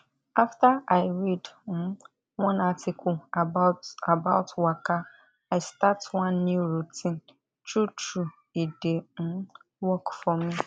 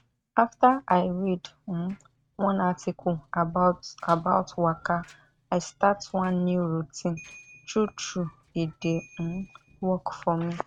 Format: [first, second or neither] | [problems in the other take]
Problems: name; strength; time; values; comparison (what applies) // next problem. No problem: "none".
first | noise reduction (neural mask model RNNoise)